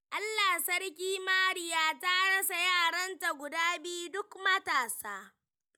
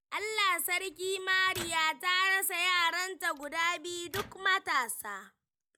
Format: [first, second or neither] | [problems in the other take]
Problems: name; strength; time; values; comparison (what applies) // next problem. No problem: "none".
first | background sound (Microwave oven); 19 dB below the speech